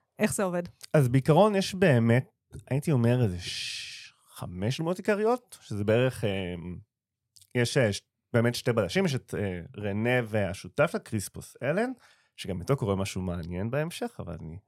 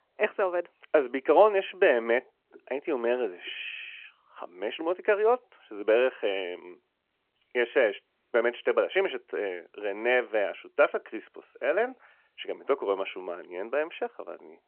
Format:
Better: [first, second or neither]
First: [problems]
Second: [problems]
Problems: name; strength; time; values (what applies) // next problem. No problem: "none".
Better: first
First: none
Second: phone-call audio